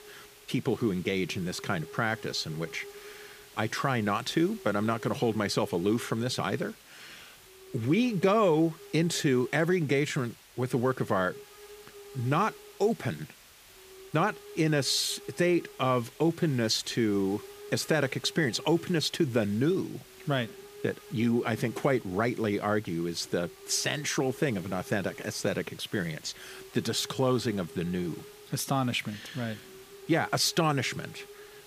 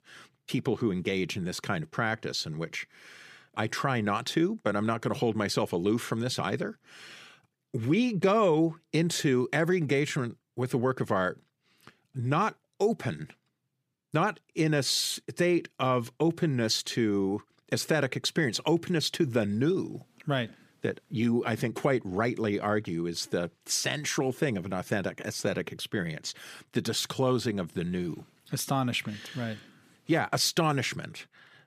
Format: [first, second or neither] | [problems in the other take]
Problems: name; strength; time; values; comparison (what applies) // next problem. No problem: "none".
second | hiss; noticeable; throughout; 20 dB below the speech